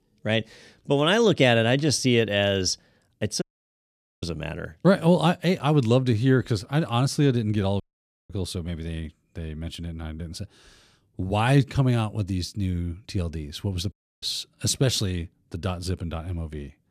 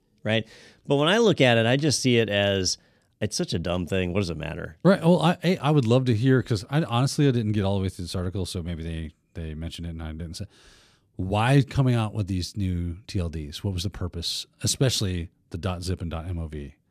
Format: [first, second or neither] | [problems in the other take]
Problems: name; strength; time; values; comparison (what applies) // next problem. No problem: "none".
second | audio cutting out; at 3.5 s for 1 s, at 8 s and at 14 s